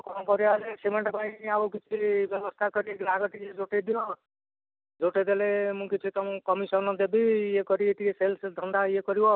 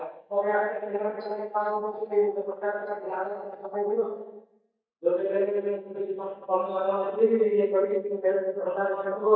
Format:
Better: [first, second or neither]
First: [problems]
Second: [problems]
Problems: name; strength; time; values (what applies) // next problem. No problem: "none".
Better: first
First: none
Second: noise reduction (neural mask model DeepFilterNet 3)